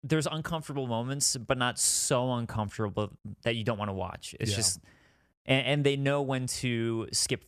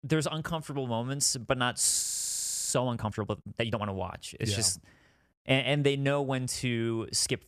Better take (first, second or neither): first